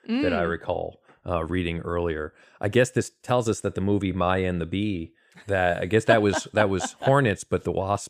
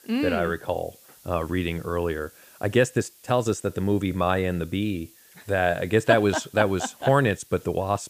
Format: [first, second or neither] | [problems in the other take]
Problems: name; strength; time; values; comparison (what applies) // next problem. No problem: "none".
first | hiss; faint; throughout; 25 dB below the speech